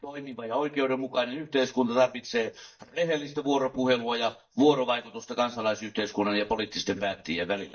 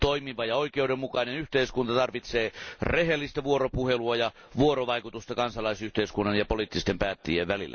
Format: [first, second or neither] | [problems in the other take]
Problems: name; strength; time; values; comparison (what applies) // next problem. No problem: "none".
second | noise reduction (neural mask model DeepFilterNet 3)